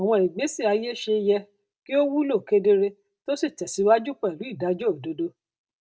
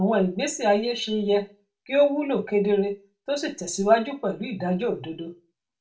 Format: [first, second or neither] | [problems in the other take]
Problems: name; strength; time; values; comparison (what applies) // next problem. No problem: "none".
first | room echo; dies away in 0.2 s